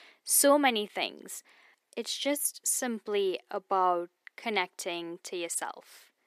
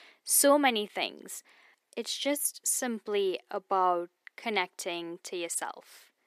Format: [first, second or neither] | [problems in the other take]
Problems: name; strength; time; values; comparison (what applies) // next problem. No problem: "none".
neither | thin; somewhat; fading below 300 Hz; the same in both